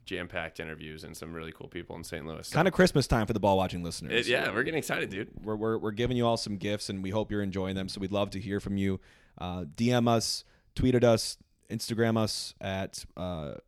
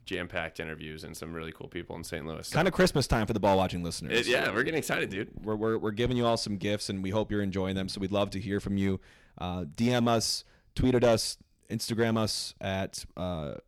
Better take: first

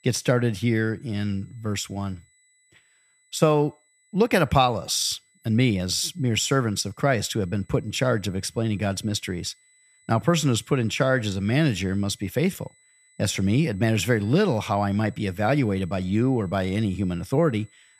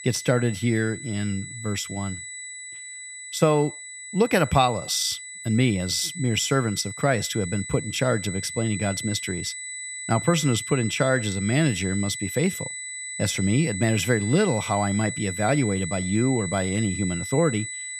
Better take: first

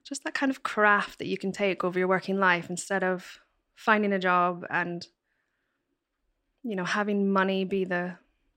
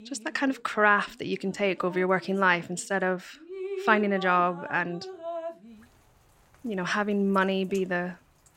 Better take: first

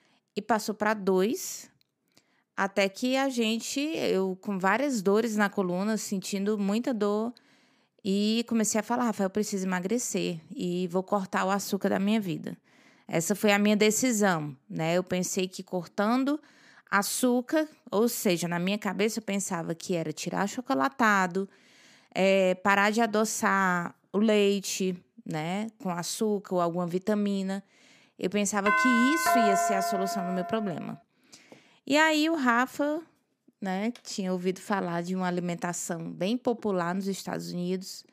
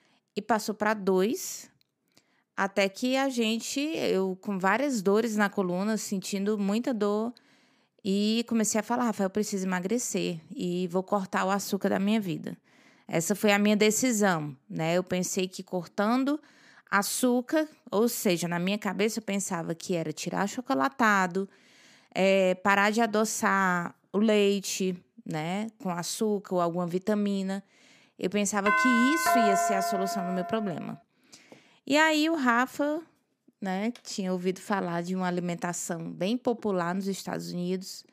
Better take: neither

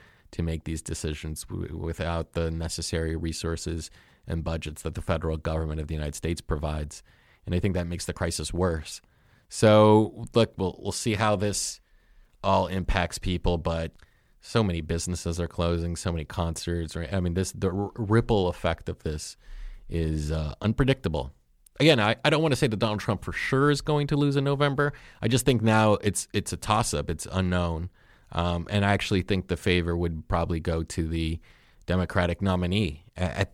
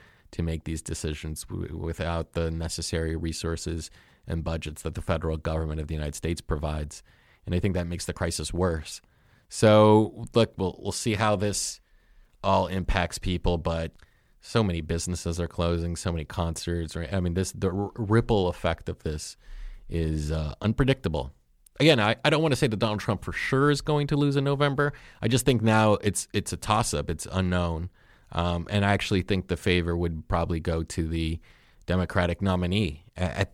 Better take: neither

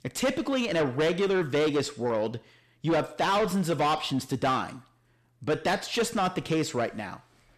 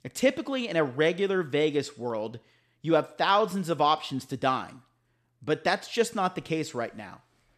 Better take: second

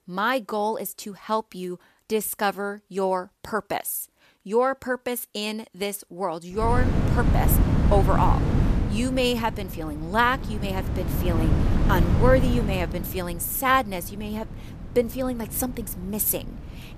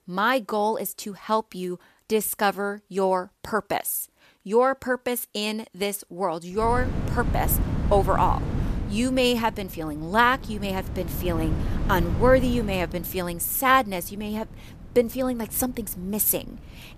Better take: second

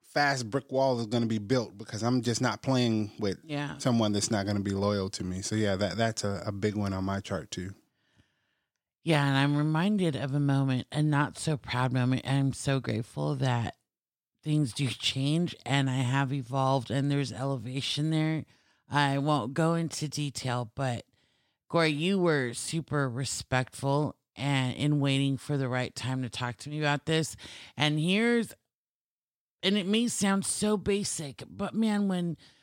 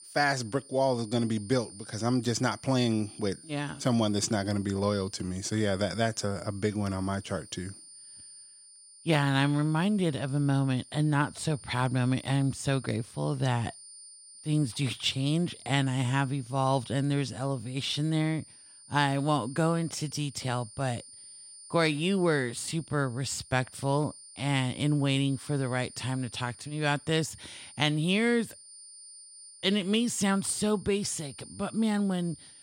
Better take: first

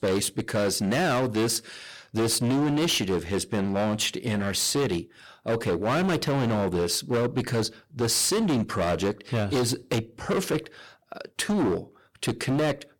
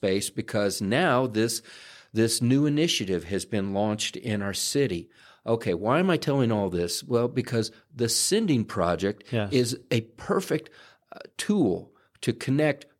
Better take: second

